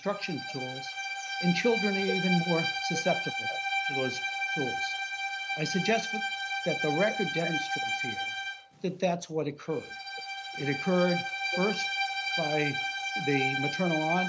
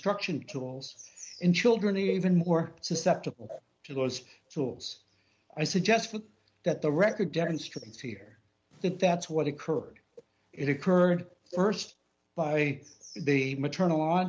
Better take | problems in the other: second | background sound (Bowed string instrument); 1 dB below the speech

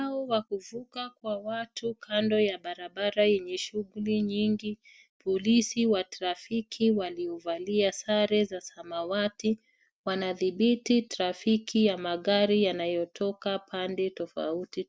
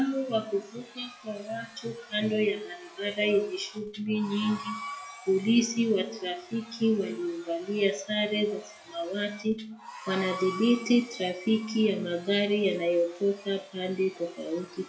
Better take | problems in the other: first | noise reduction (classical method WPE with log-MMSE)

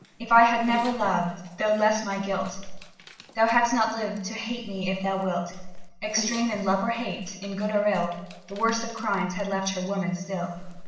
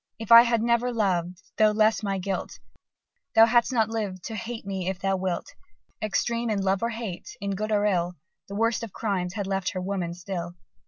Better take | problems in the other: second | background sound (Dog); 19 dB below the speech // room echo; dies away in 0.8 s

